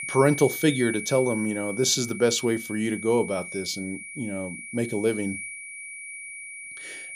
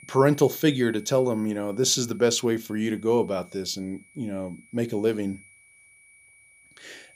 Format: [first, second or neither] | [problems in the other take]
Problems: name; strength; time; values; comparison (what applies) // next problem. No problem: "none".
second | high-pitched whine; loud; throughout; 2.5 kHz, 9 dB below the speech; faint in the second